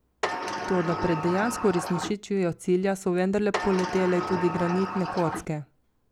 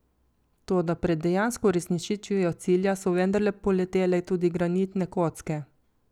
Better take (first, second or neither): second